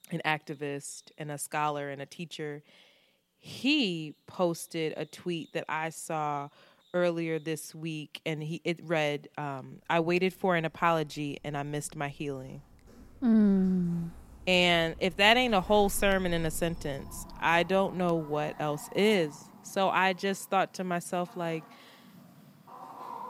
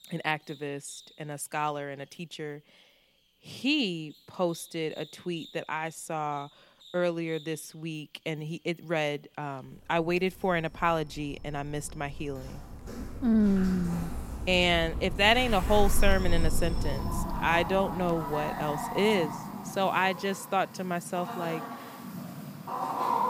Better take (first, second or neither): first